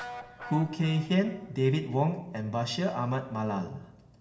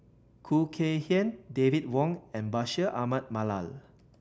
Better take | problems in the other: second | background sound (Guitar); 19 dB below the speech // room echo; dies away in 0.9 s

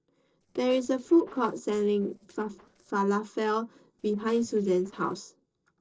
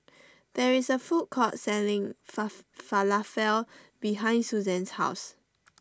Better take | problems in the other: second | noise reduction (neural separator model SepFormer DNS4)

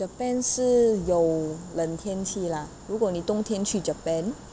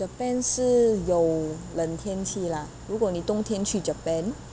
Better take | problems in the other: first | background sound (Engine); 18 dB below the speech

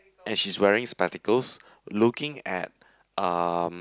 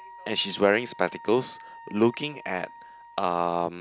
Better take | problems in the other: first | background sound (Wind instrument, woodwind instrument); 19 dB below the speech

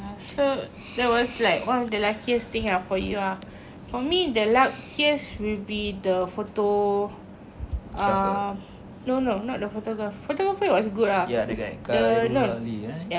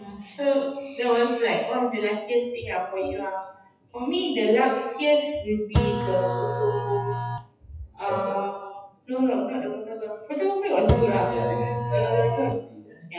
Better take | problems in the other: first | noise reduction (classical method WPE with log-MMSE)

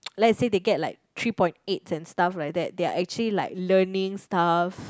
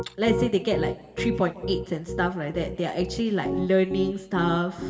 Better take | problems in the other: first | background sound (Piano); 6 dB below the speech // room echo; dies away in 1.6 s

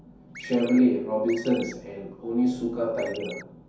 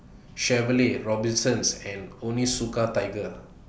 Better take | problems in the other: second | background sound (Chirp, tweet); 15 dB below the speech // room echo; dies away in 0.6 s

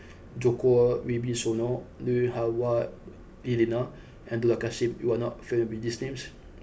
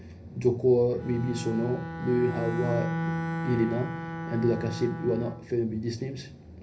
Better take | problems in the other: first | background sound (Bowed string instrument); 7 dB below the speech // room echo; dies away in 0.5 s

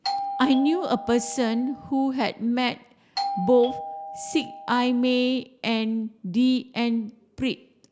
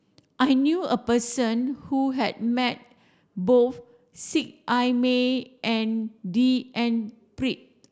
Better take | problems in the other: second | background sound (Doorbell); 9 dB below the speech

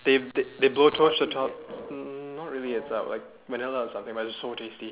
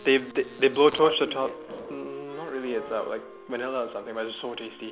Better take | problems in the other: first | background sound (Wind instrument, woodwind instrument + Wind instrument, woodwind instrument); 19 dB below the speech

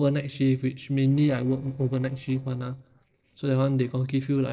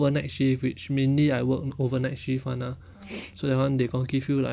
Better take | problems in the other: second | noise reduction (neural separator model SepFormer DNS4)

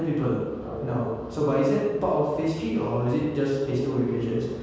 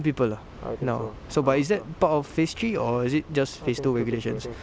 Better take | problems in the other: second | room echo; dies away in 1.2 s

